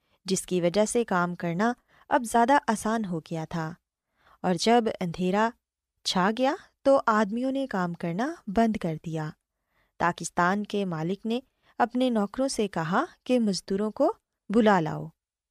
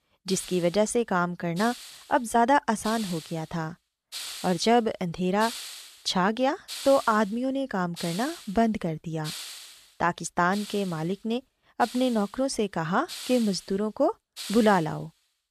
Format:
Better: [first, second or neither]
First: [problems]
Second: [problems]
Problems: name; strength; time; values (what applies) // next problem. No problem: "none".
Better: first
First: none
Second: hiss; noticeable; throughout; 15 dB below the speech